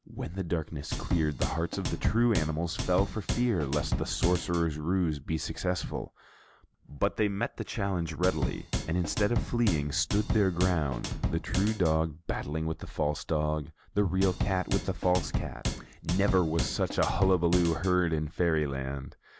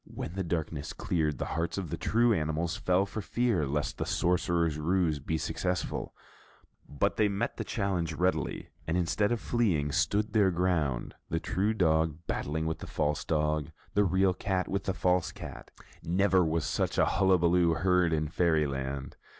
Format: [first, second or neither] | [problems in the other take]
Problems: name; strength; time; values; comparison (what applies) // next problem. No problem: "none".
second | background sound (Drum / Drum kit); 4 dB below the speech